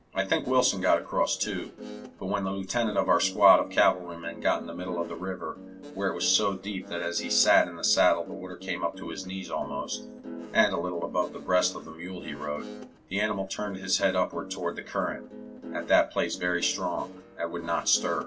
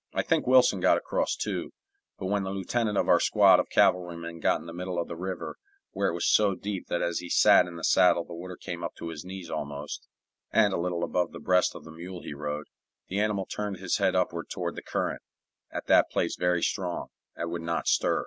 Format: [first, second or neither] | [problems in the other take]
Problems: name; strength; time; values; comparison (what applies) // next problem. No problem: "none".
second | background sound (Guitar); 15 dB below the speech // room echo; dies away in 0.2 s